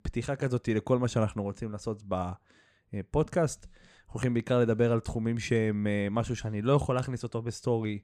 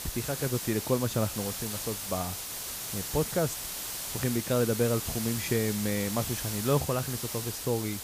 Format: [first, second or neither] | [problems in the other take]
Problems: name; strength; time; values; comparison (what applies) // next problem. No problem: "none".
first | hiss; loud; throughout; 3 dB below the speech